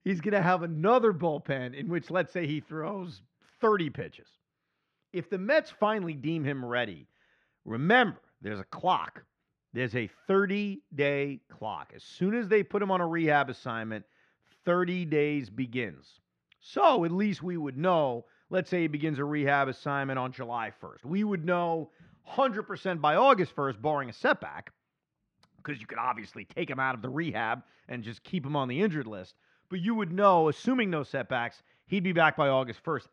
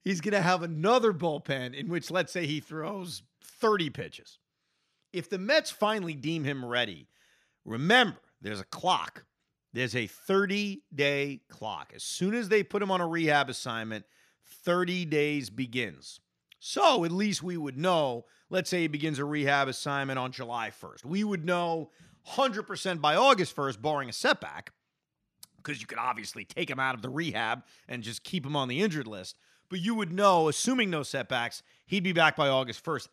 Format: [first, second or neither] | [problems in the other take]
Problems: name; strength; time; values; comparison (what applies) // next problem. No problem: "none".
second | muffled; very; fading above 2 kHz